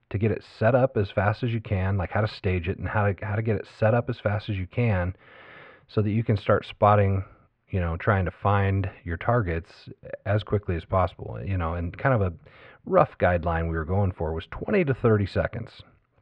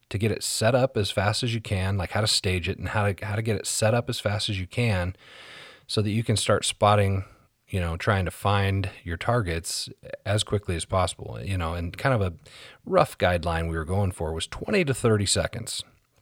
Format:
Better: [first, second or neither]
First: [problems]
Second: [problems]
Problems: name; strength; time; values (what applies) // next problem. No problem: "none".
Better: second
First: muffled; very; fading above 2 kHz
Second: none